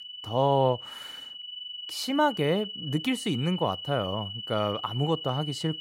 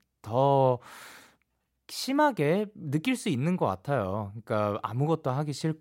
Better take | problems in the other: second | high-pitched whine; loud; throughout; 3 kHz, 8 dB below the speech

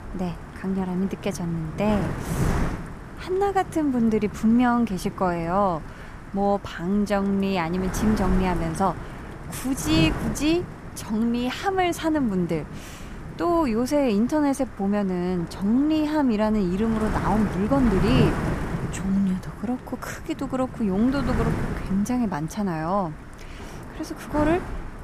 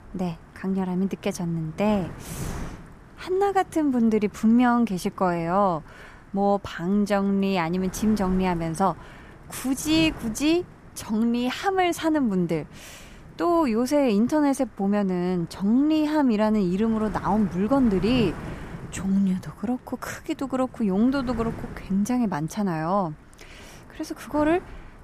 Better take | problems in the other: second | wind noise on the microphone; heavy; 10 dB below the speech; occasional gusts in the second

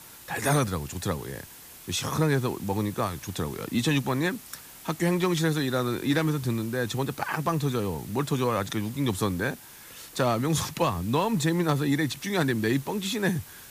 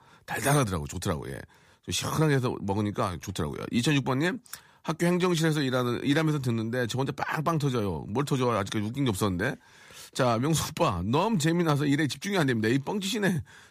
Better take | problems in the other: second | hiss; noticeable; throughout; 15 dB below the speech

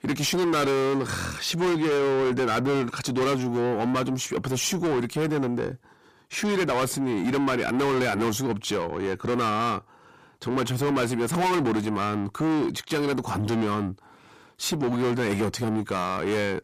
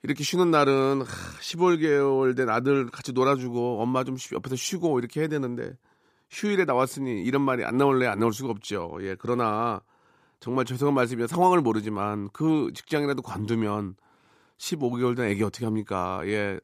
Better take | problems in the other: second | distortion; heavy; 6 dB below the speech

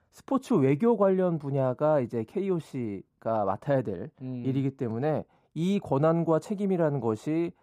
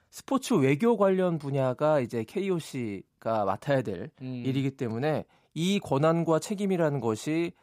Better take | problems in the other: second | muffled; slightly; fading above 1.5 kHz

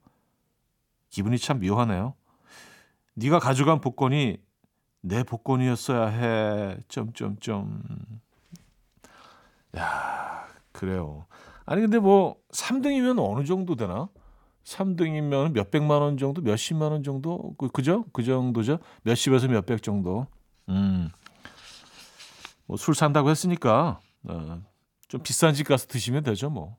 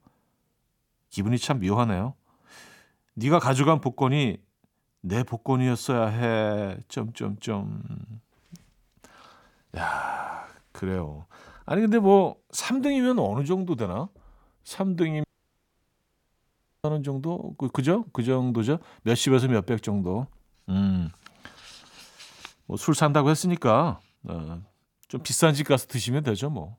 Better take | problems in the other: first | audio cutting out; at 15 s for 1.5 s

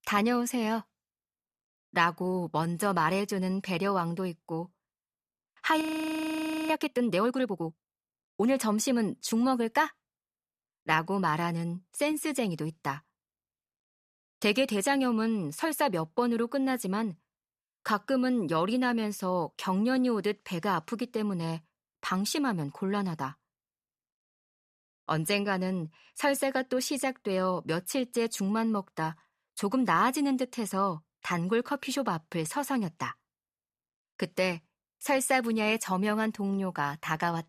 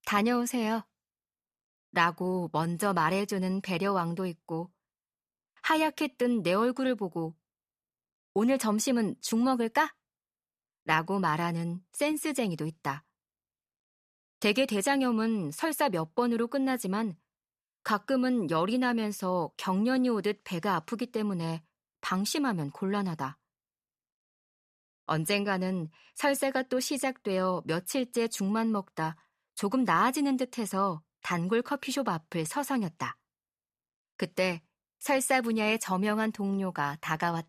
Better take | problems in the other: second | audio freezing; at 6 s for 1 s

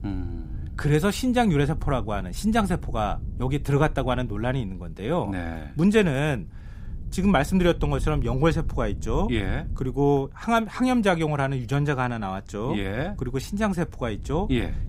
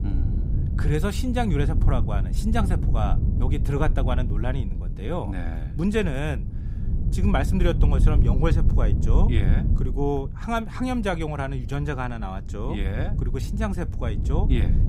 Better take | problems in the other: first | low rumble; loud; throughout; 9 dB below the speech; faint in the first

